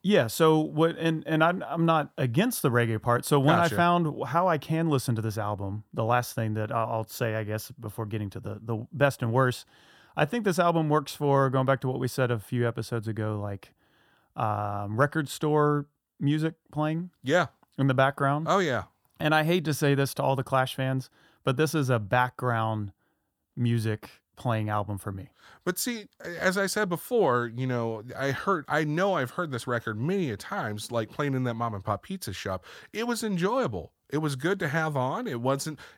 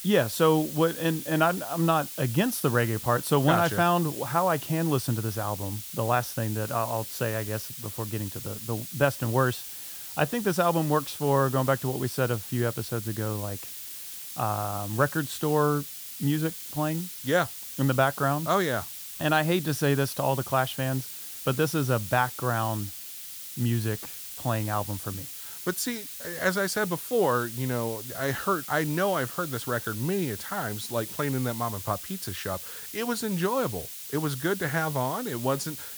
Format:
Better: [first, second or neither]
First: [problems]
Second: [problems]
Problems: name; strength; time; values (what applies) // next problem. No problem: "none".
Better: first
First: none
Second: hiss; loud; throughout; 7 dB below the speech